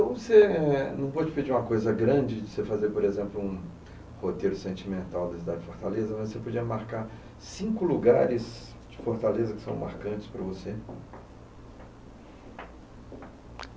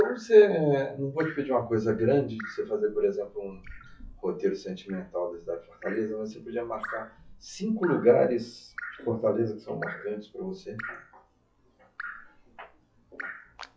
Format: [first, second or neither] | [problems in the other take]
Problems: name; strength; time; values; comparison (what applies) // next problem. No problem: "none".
first | noise reduction (classical method log-MMSE)